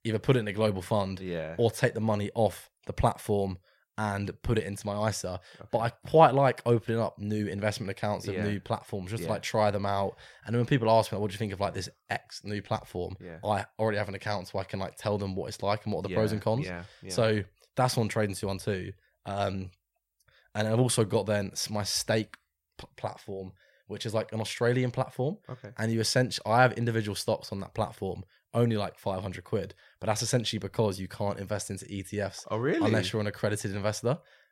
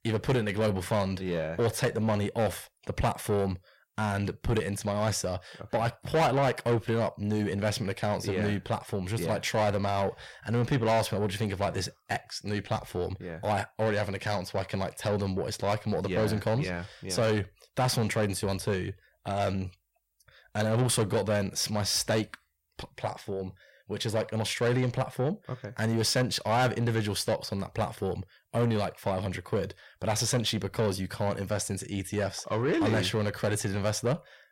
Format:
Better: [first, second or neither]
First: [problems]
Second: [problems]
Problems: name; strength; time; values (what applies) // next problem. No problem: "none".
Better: first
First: none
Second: distortion; heavy; 8 dB below the speech